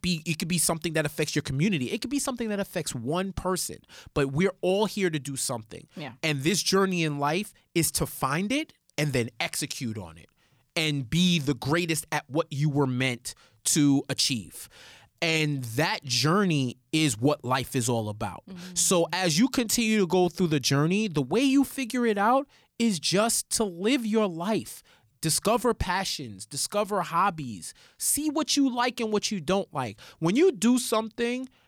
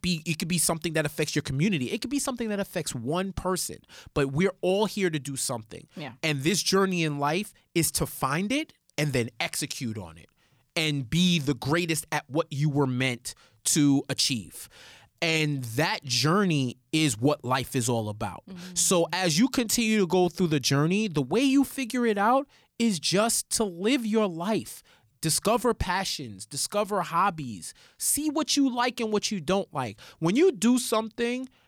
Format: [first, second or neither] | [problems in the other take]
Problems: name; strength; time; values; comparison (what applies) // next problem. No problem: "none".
neither | none